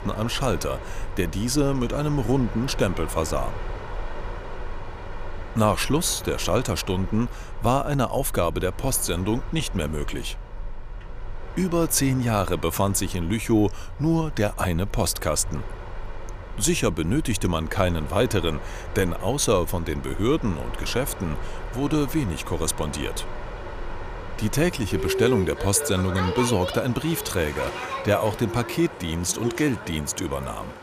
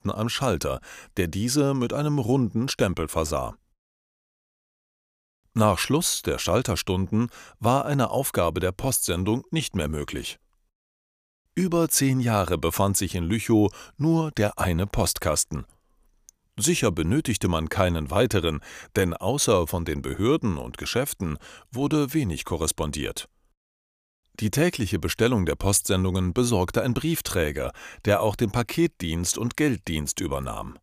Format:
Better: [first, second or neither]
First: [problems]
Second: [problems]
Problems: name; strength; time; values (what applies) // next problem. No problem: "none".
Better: second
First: train or aircraft noise; noticeable; throughout; 10 dB below the speech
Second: none